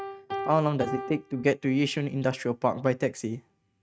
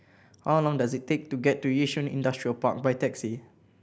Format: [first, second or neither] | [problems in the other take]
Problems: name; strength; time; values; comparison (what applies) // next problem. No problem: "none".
second | noise reduction (neural mask model RNNoise)